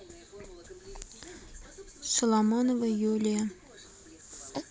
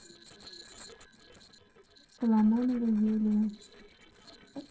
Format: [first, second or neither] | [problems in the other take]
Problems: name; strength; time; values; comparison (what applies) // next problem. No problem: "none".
first | noise reduction (neural separator model SepFormer DNS4)